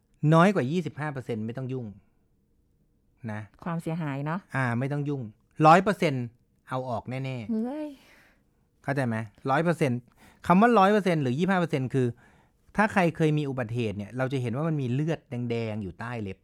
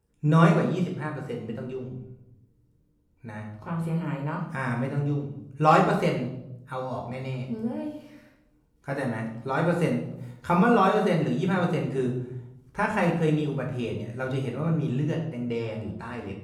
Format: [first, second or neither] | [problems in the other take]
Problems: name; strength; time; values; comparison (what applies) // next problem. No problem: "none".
first | room echo; noticeable; dies away in 0.7 s // off-mic speech; somewhat distant